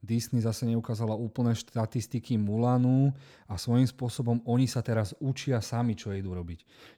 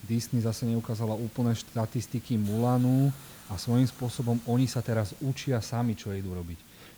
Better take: first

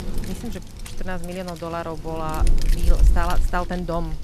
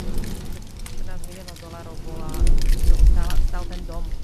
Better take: first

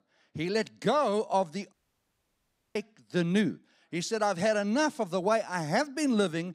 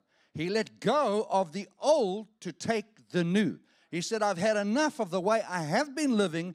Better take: second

